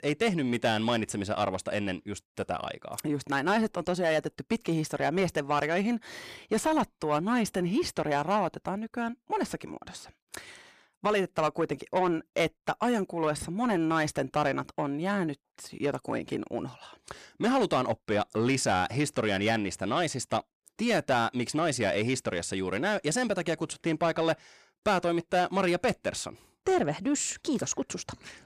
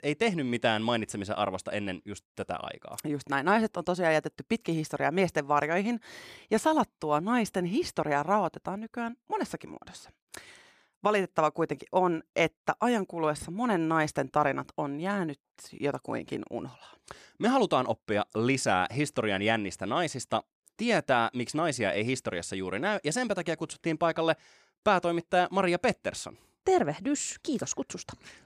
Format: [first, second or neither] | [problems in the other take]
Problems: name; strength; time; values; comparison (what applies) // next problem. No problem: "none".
second | distortion; slight; 10 dB below the speech